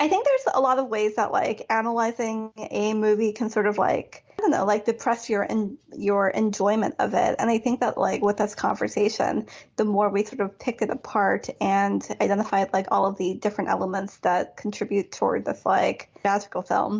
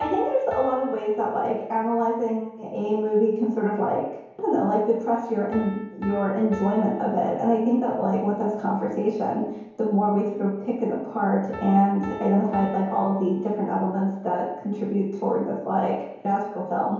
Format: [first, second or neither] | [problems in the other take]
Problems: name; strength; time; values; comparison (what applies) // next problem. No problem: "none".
first | background sound (Piano); 20 dB below the speech // room echo; dies away in 1 s